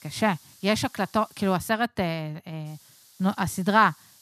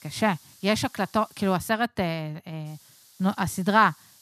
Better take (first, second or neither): neither